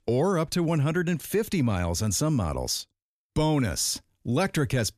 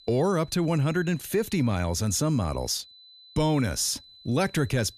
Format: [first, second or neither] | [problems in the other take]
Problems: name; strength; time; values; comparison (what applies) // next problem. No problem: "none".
first | high-pitched whine; faint; throughout; 4 kHz, 25 dB below the speech